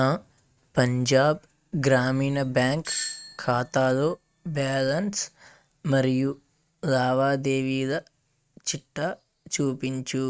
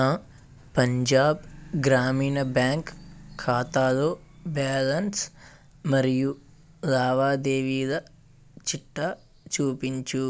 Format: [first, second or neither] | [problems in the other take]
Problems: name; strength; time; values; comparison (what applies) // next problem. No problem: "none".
second | noise reduction (neural mask model RNNoise)